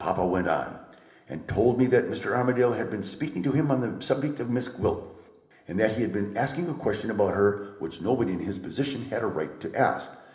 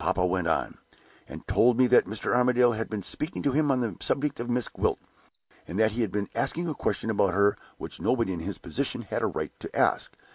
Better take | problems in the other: second | room echo; dies away in 1.1 s

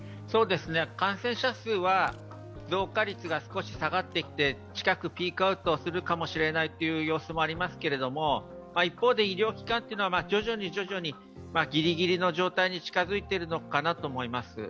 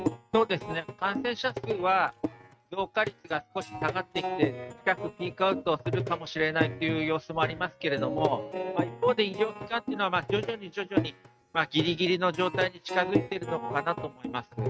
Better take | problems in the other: first | noise reduction (neural mask model RNNoise)

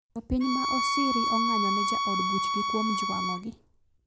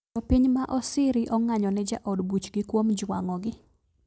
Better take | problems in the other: second | background sound (Bowed string instrument); 3 dB above the speech

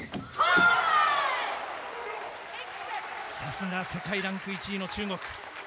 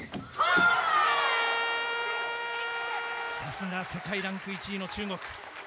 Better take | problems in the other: first | background sound (Trumpet); 2 dB below the speech

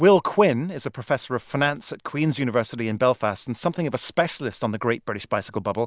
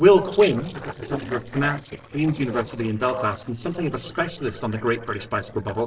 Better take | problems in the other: first | noise reduction (neural separator model SepFormer DNS4)

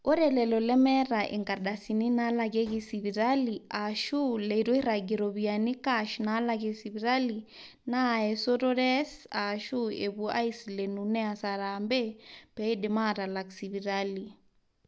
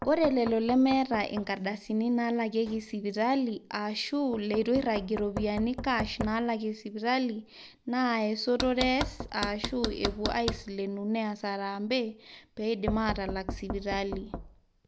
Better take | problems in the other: first | background sound (Knock); 10 dB below the speech

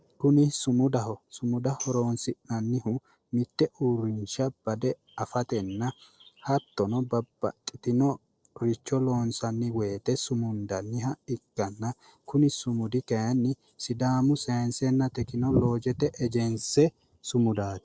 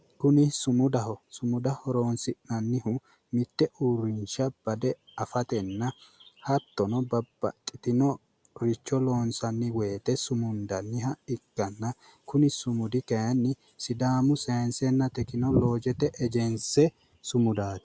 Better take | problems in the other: second | noise reduction (neural separator model SepFormer DNS4)

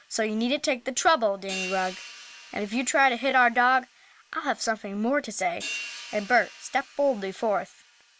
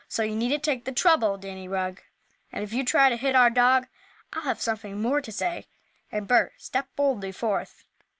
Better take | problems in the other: second | background sound (Hi-hat); 16 dB below the speech

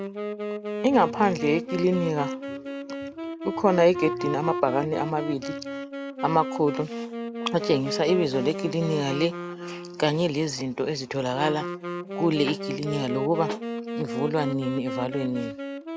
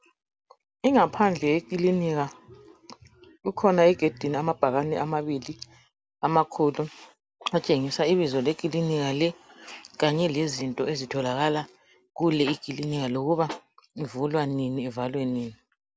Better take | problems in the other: second | background sound (Wind instrument, woodwind instrument); 6 dB below the speech

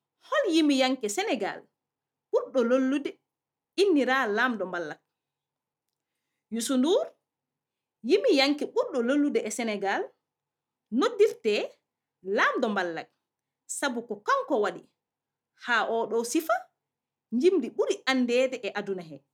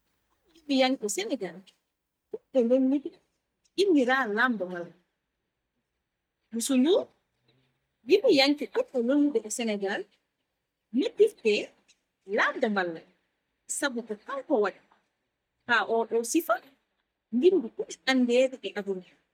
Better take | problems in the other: first | noise reduction (neural mask model DeepFilterNet 3)

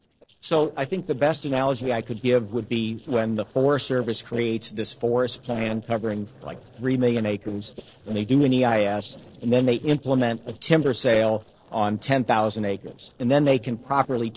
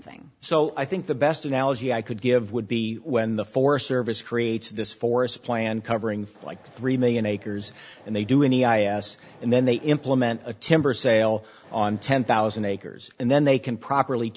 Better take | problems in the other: second | noise reduction (neural separator model SepFormer DNS4)

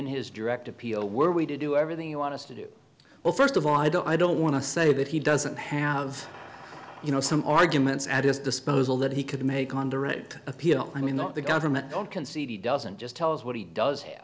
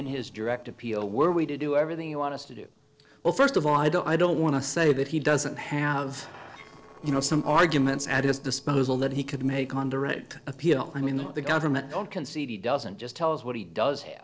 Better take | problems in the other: first | noise reduction (neural separator model SepFormer DNS4)

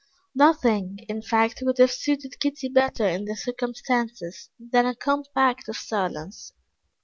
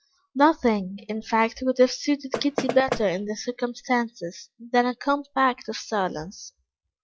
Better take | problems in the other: first | noise reduction (classical method log-MMSE)

